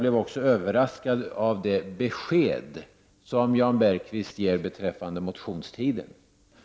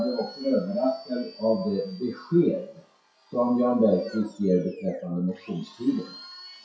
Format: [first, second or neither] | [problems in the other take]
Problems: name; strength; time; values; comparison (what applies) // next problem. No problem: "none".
first | noise reduction (classical method WPE with log-MMSE)